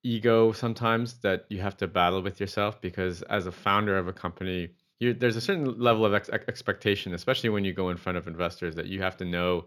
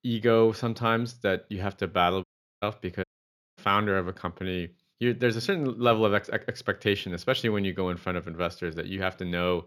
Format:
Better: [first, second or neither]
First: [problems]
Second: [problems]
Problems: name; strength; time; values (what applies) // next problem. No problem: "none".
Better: first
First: none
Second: audio cutting out; at 2 s and at 3 s for 0.5 s